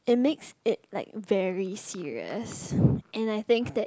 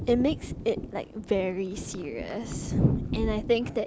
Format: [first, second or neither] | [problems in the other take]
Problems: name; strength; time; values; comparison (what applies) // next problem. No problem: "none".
first | background sound (Thunder); 8 dB below the speech